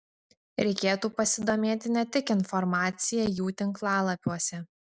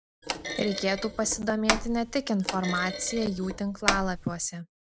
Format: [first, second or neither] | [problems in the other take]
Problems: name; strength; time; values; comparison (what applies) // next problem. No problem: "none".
first | background sound (Thump, thud); 4 dB below the speech